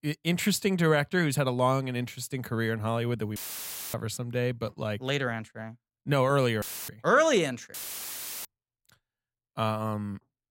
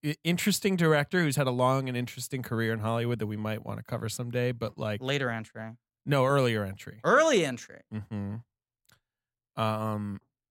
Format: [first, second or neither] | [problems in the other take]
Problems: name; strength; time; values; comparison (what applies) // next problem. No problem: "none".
second | audio cutting out; filled with static; at 3.5 s for 0.5 s, at 6.5 s and at 7.5 s for 0.5 s